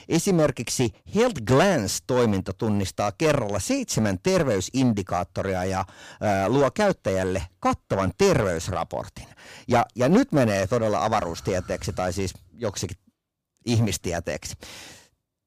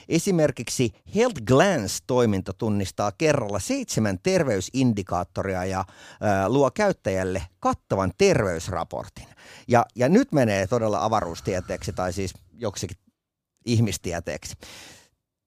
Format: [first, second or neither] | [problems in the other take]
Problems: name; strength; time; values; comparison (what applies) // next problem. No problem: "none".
second | distortion; slight; 5% of the sound clipped